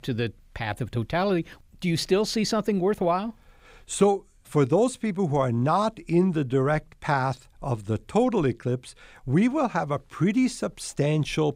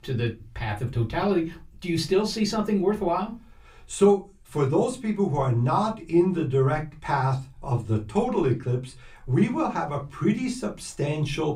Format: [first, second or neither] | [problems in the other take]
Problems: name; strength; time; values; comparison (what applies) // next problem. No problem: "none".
first | off-mic speech; far // room echo; very slight; dies away in 0.2 s